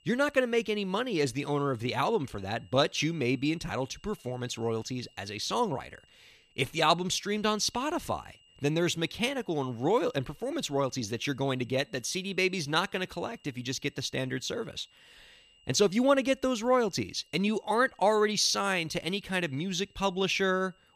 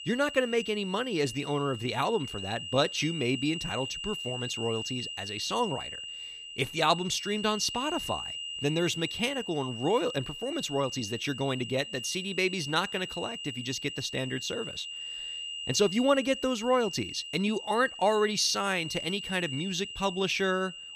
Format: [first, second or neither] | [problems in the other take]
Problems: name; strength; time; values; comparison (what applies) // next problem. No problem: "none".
first | high-pitched whine; loud; throughout; 3 kHz, 7 dB below the speech; faint in the first